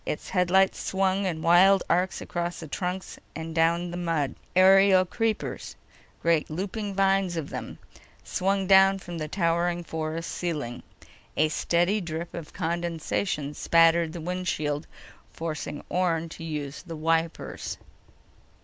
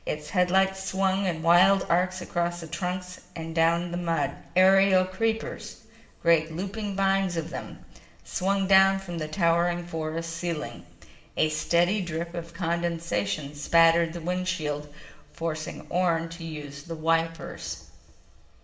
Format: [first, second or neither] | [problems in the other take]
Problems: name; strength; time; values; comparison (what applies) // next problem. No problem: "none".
first | room echo; dies away in 2 s